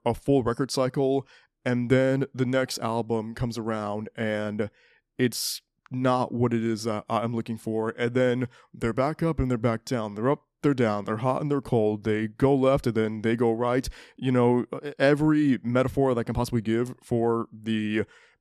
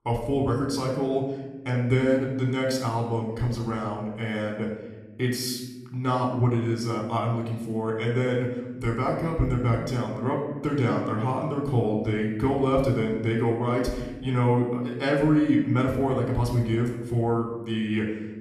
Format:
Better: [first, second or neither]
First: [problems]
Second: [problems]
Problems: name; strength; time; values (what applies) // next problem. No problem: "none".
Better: first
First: none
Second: off-mic speech; somewhat distant // room echo; noticeable; dies away in 1 s